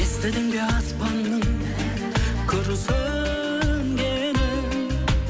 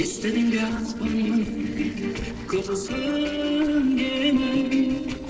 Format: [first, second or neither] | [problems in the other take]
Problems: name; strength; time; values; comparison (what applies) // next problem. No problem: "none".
first | noise reduction (neural separator model SepFormer DNS4)